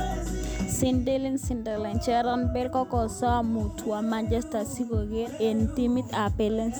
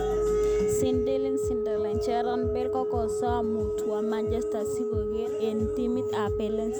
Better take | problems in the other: first | background sound (Wind instrument, woodwind instrument); 3 dB above the speech

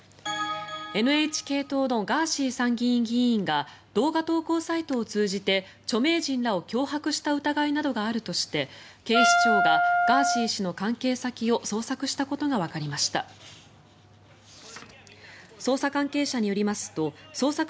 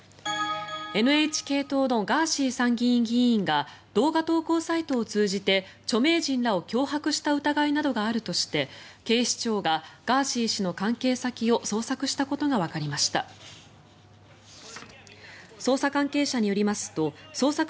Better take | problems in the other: second | background sound (Wind instrument, woodwind instrument); 4 dB above the speech

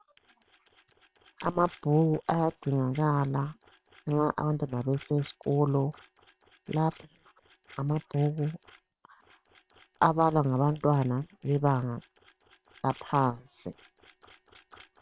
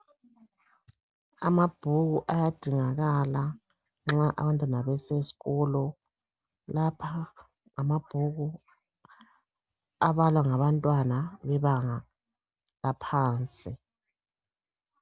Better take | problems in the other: second | noise reduction (neural separator model SepFormer WHAM!)

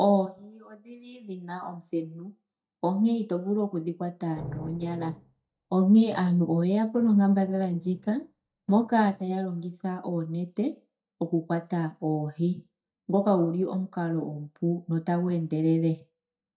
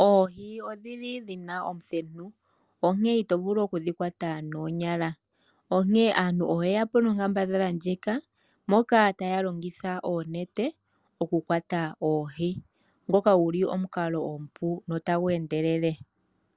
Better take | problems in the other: second | noise reduction (neural mask model DeepFilterNet 3)

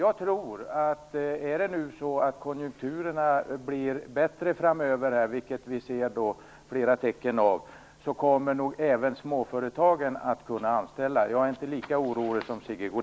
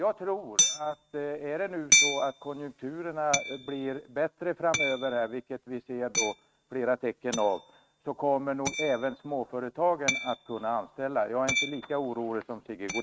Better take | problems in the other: first | noise reduction (neural mask model RNNoise)

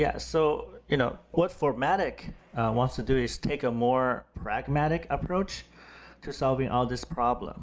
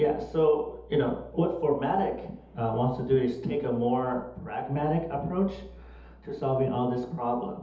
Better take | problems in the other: first | room echo; dies away in 0.8 s

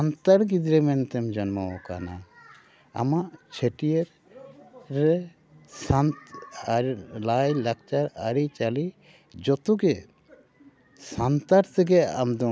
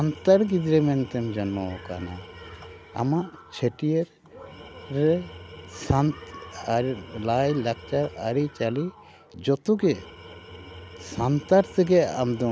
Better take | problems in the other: first | background sound (Tools); 19 dB below the speech

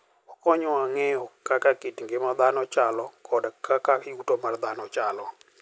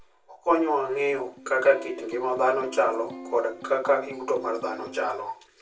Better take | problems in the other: first | background sound (Electric guitar); 16 dB below the speech // room echo; dies away in 0.2 s

